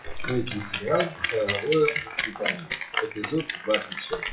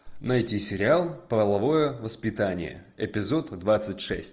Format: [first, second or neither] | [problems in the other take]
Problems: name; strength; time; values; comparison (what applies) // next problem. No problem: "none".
second | noise reduction (classical method WPE with log-MMSE)